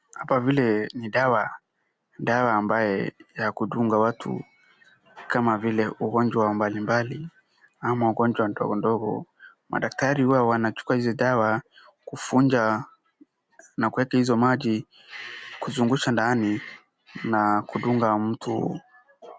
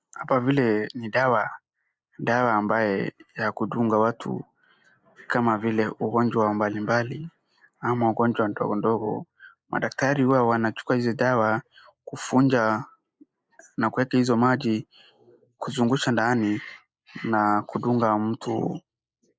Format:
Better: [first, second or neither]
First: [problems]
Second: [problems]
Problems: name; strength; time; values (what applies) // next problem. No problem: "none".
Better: first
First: none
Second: noise reduction (neural mask model Resemble Enhance denoiser)